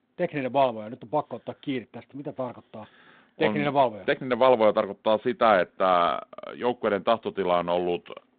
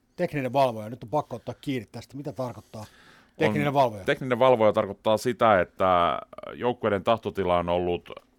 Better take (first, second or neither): second